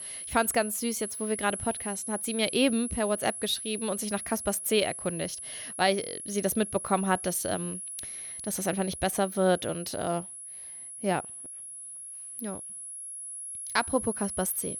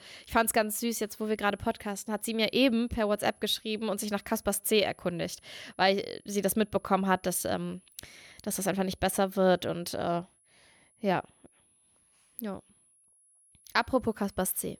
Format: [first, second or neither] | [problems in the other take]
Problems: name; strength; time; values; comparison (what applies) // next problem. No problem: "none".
second | high-pitched whine; loud; throughout; 10.5 kHz, 7 dB below the speech; faint in the second